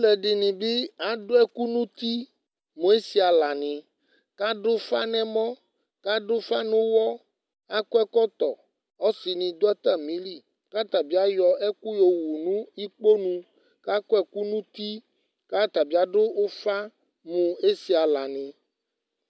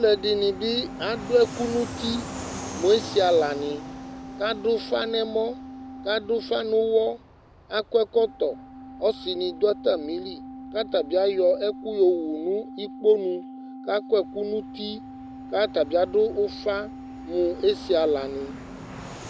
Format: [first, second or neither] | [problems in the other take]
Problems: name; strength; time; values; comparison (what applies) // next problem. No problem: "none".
first | background sound (Organ + Fixed-wing aircraft, airplane); 13 dB below the speech